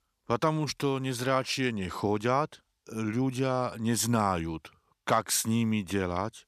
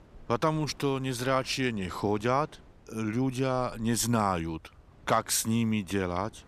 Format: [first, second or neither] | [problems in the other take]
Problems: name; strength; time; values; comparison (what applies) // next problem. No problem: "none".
first | wind in the background; faint; throughout; 25 dB below the speech